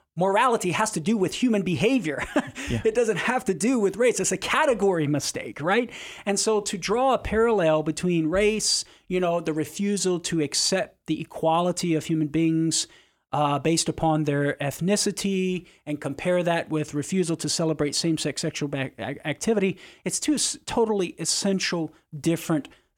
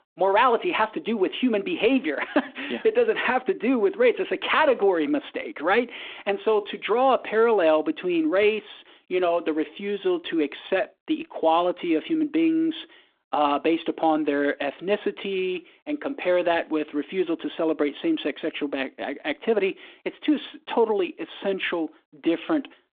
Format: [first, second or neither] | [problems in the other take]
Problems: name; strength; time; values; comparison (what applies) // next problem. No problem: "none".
first | phone-call audio